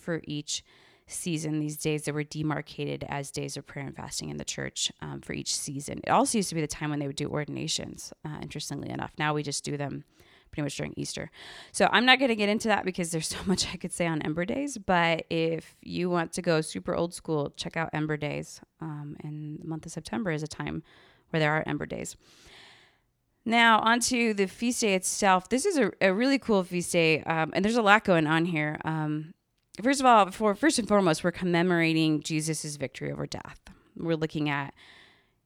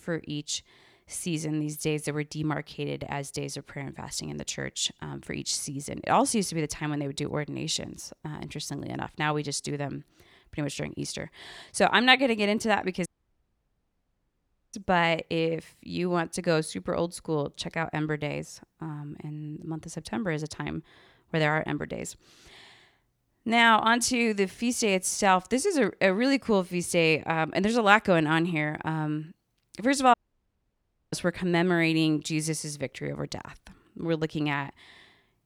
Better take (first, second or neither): first